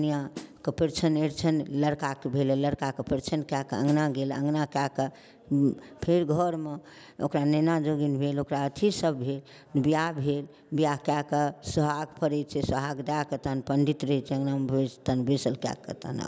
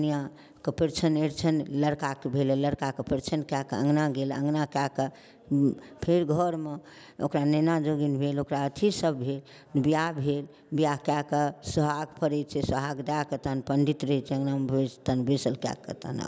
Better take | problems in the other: second | background sound (Snare drum); 17 dB below the speech

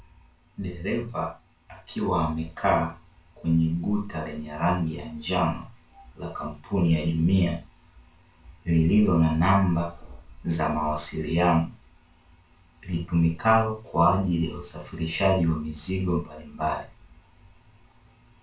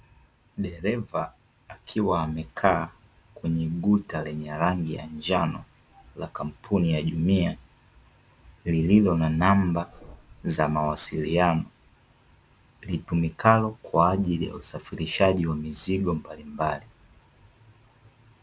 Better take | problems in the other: second | room echo; dies away in 0.2 s

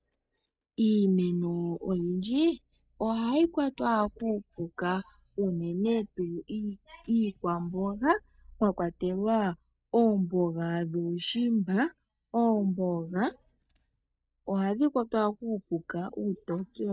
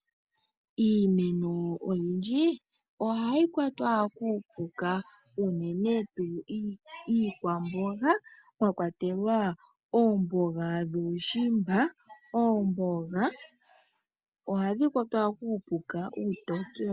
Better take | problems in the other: second | noise reduction (neural mask model DeepFilterNet 3)

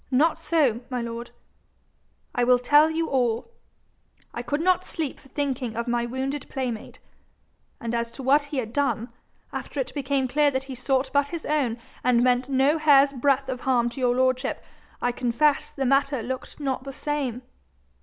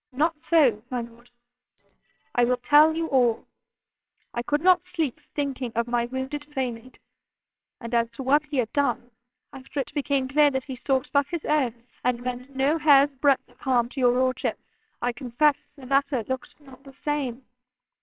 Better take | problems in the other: first | noise reduction (neural separator model SepFormer WHAMR!)

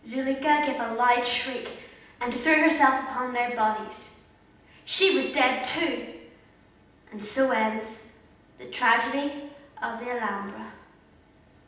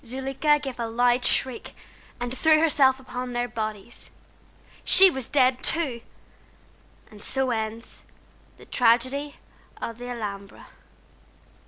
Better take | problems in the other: second | room echo; dies away in 0.8 s

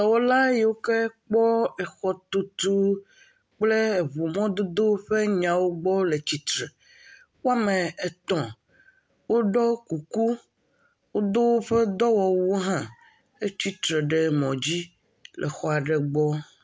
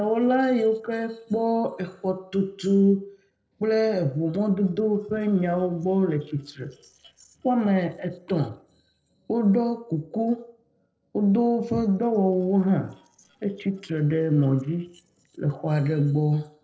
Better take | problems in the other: first | noise reduction (neural separator model SepFormer DNS4)

